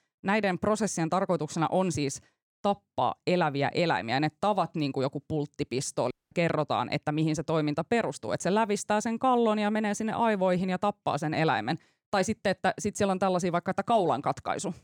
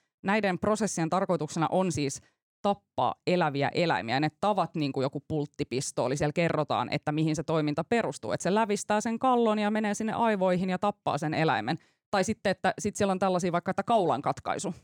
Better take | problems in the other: second | audio cutting out; at 6 s

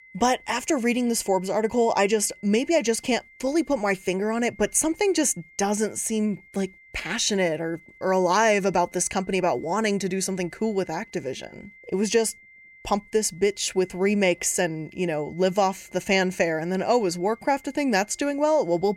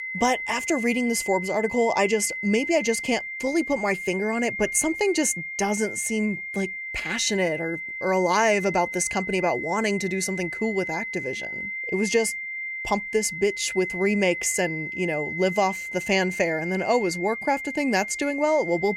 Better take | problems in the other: first | high-pitched whine; loud; throughout; 2 kHz, 6 dB below the speech; faint in the first

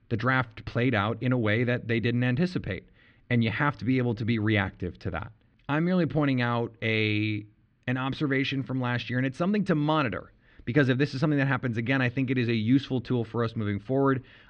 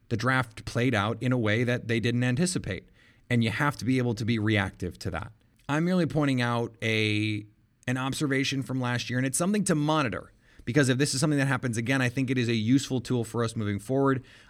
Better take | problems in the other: second | muffled; slightly; fading above 3.5 kHz

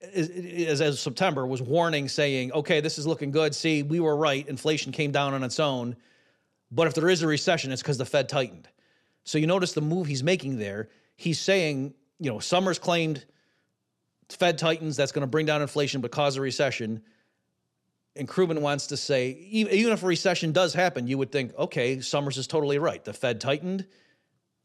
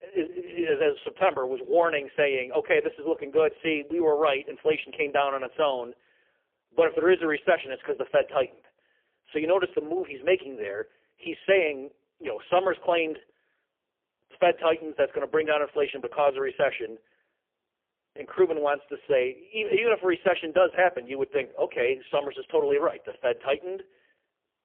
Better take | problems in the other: first | phone-call audio; poor line; nothing above 3 kHz

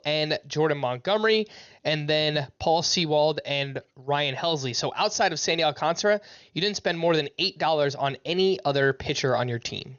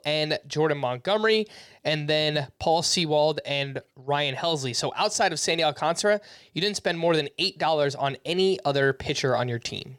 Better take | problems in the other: second | garbled, watery; slightly; nothing above 6.5 kHz

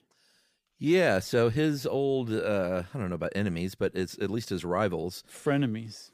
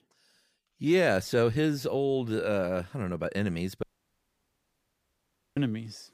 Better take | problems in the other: first | audio cutting out; at 4 s for 1.5 s

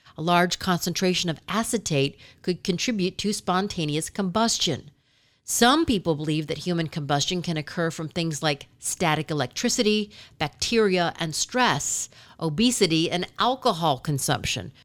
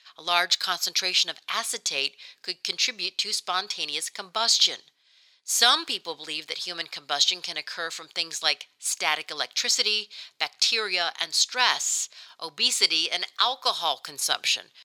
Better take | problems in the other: first | thin; very; fading below 850 Hz

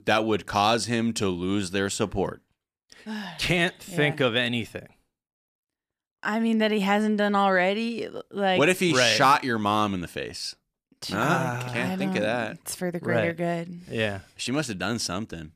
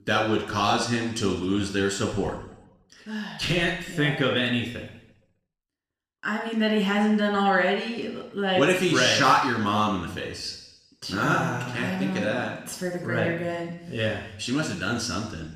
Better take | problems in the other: first | room echo; noticeable; dies away in 0.8 s // off-mic speech; somewhat distant

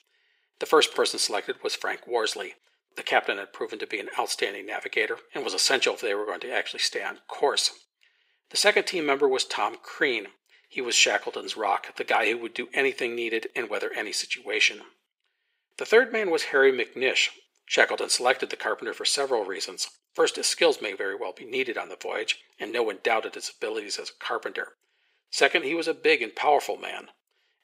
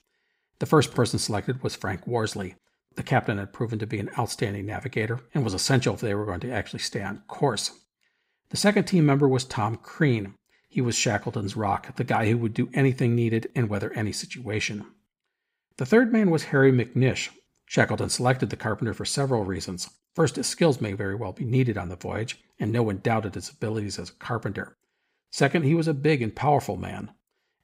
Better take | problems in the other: second | thin; very; fading below 400 Hz

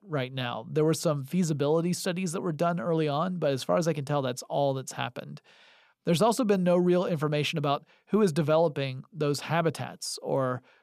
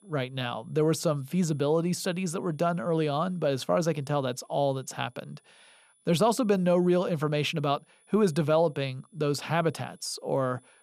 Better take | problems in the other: first | high-pitched whine; faint; throughout; 10 kHz, 35 dB below the speech

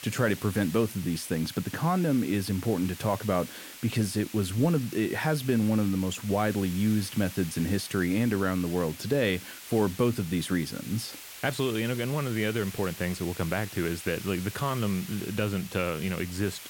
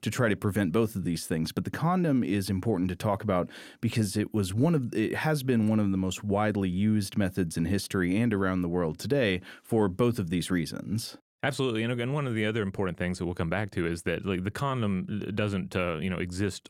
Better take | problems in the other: second | hiss; noticeable; throughout; 15 dB below the speech

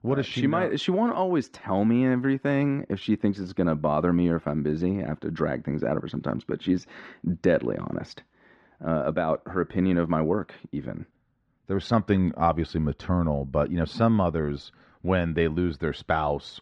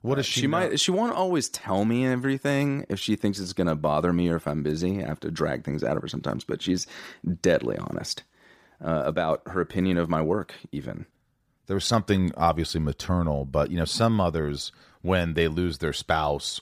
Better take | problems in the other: second | muffled; slightly; fading above 2.5 kHz

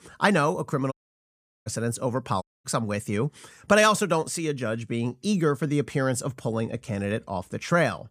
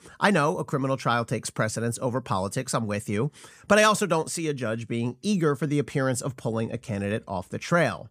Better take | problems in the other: second | audio cutting out; at 1 s for 0.5 s and at 2.5 s

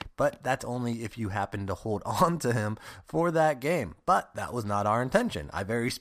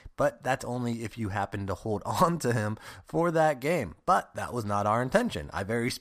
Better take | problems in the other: second | footsteps; very faint; at the start; peak 15 dB below the speech

